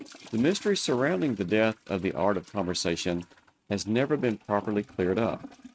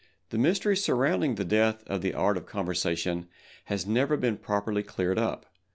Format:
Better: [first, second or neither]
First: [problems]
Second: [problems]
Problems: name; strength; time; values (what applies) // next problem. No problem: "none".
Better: second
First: noise reduction (neural mask model RNNoise)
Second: none